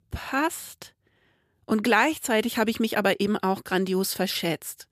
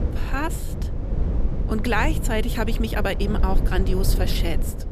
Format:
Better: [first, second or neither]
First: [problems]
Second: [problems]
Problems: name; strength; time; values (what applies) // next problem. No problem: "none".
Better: first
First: none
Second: low rumble; noticeable; throughout; 10 dB below the speech